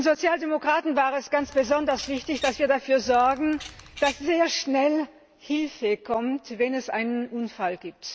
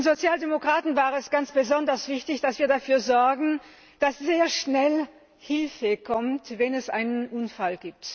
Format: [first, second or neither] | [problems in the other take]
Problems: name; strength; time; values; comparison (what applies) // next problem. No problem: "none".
second | background sound (Bird vocalization, bird call, bird song); 16 dB below the speech